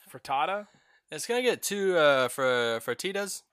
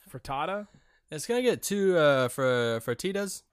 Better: second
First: thin; very slightly; fading below 800 Hz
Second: none

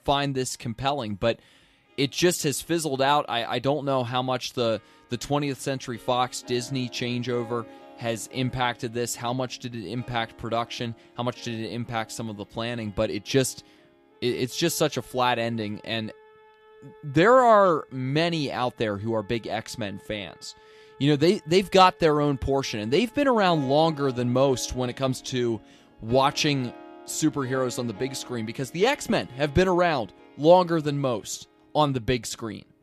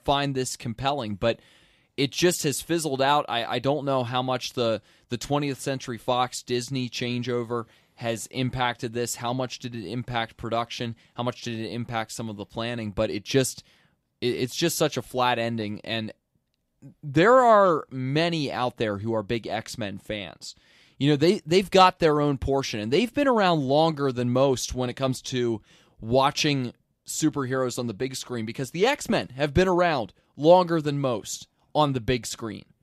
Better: second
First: background music; faint; throughout; 25 dB below the speech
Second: none

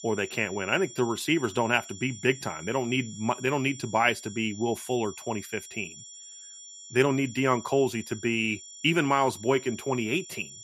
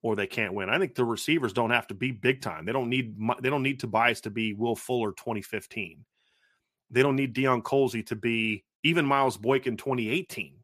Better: second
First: high-pitched whine; noticeable; throughout; 7 kHz, 15 dB below the speech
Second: none

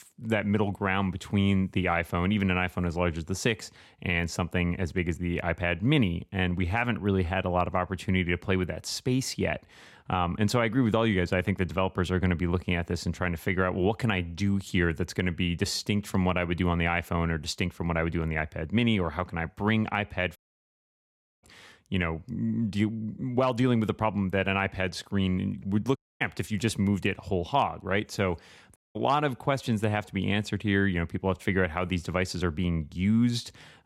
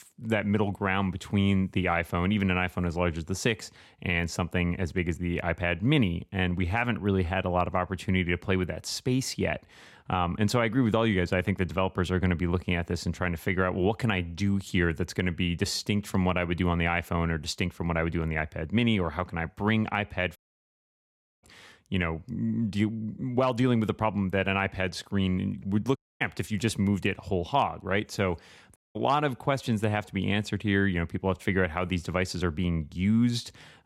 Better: neither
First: audio cutting out; at 20 s for 1 s, at 26 s and at 29 s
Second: audio cutting out; at 20 s for 1 s, at 26 s and at 29 s

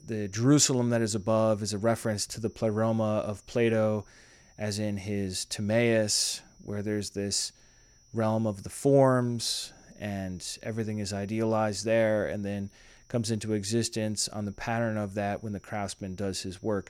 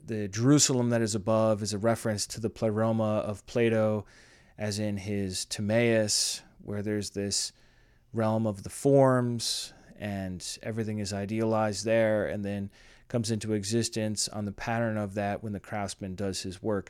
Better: second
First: high-pitched whine; faint; throughout; 6 kHz, 30 dB below the speech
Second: none

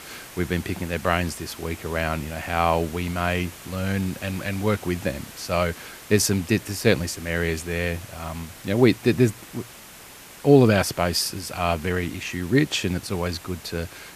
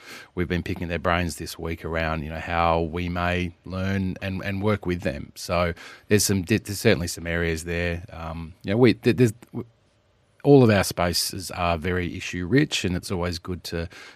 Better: second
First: hiss; noticeable; throughout; 15 dB below the speech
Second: none

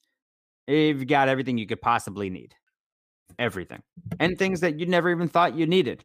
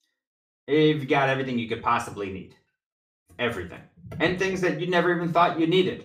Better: first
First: none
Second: room echo; slight; dies away in 0.3 s // off-mic speech; far

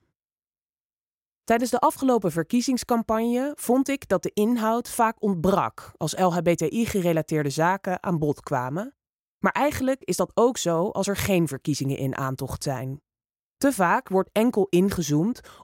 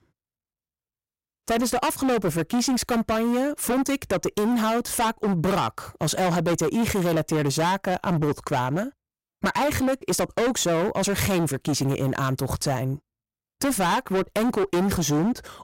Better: first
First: none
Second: distortion; heavy; 22% of the sound clipped

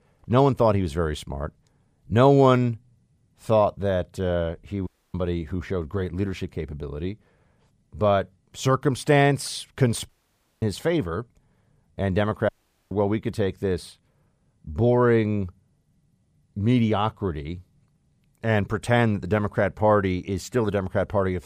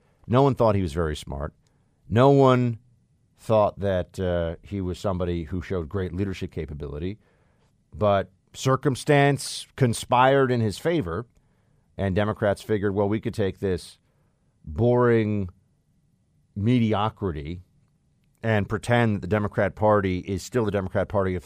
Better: second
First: audio cutting out; at 5 s, at 10 s for 0.5 s and at 12 s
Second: none

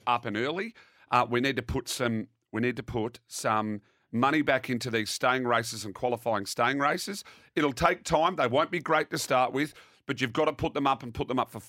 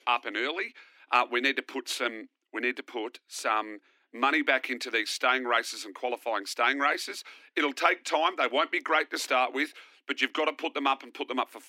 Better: first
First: none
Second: thin; very slightly; fading below 250 Hz

